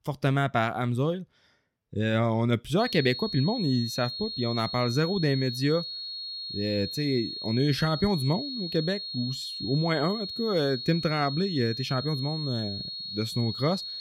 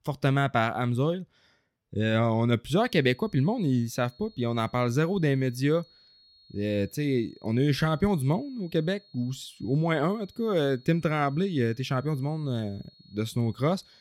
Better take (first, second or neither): second